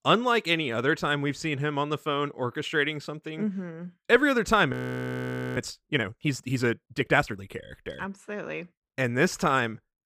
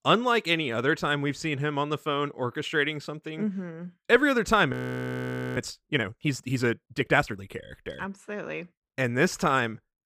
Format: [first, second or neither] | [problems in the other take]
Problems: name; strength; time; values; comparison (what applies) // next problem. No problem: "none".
neither | audio freezing; at 4.5 s for 1 s; the same in both